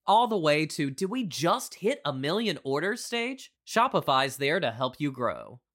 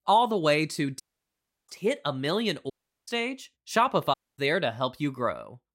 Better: first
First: none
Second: audio cutting out; at 1 s for 0.5 s, at 2.5 s and at 4 s

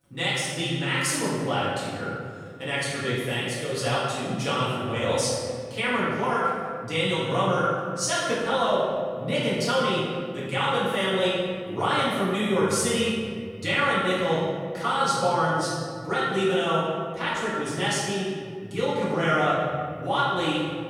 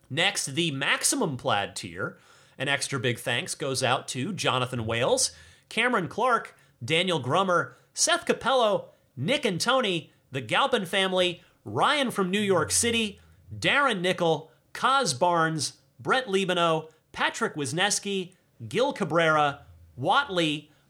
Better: second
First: off-mic speech; far // room echo; strong; dies away in 2.2 s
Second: none

